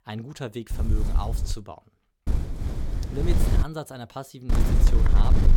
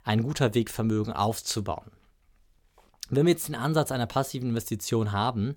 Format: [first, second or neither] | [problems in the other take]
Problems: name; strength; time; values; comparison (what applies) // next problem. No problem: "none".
second | wind noise on the microphone; heavy; at 0.5 s, from 2.5 to 3.5 s and from 4.5 s on; 1 dB below the speech